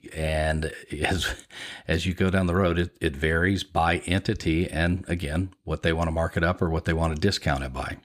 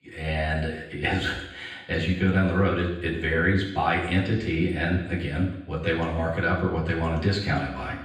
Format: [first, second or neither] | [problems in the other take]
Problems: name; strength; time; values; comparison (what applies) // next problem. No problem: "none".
first | room echo; noticeable; dies away in 0.9 s // off-mic speech; far